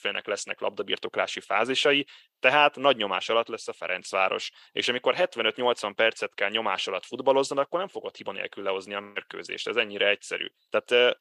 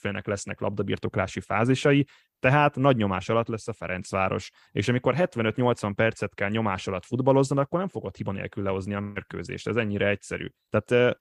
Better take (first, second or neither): second